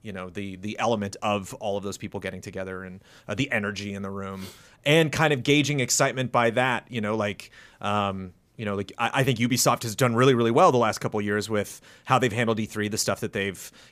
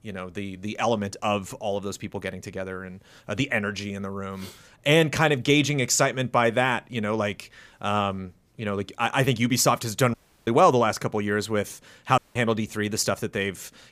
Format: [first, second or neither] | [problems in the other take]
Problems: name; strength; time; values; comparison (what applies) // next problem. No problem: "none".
first | audio cutting out; at 10 s and at 12 s